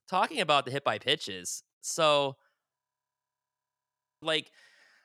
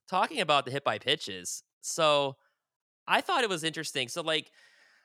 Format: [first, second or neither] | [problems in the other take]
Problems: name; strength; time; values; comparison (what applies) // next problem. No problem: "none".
second | audio freezing; at 3 s for 1.5 s